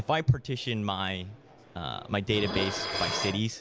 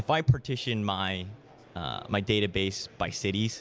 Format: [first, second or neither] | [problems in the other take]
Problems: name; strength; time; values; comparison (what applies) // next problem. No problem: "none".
second | background sound (Dishes, pots, and pans); 7 dB below the speech